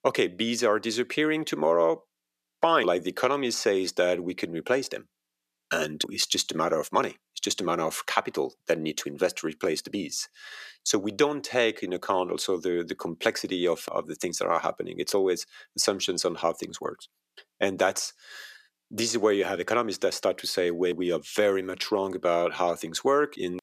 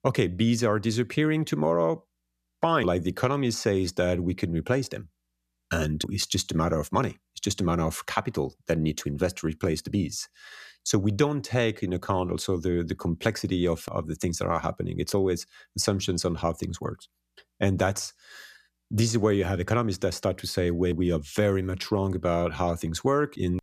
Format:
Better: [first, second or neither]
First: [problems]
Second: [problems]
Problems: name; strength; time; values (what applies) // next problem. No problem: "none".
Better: second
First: thin; somewhat; fading below 400 Hz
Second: none